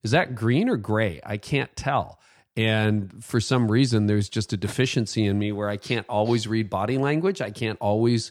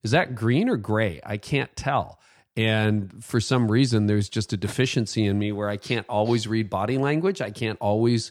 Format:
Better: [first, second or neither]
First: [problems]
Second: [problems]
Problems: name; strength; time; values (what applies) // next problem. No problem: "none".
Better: neither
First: none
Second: none